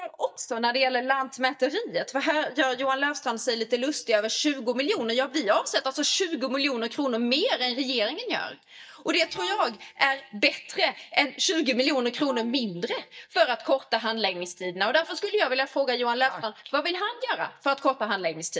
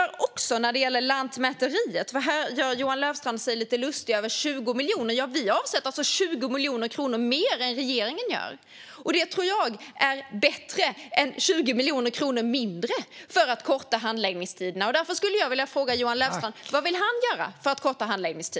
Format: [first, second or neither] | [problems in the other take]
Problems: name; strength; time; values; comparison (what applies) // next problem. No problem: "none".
second | noise reduction (neural mask model DeepFilterNet 3)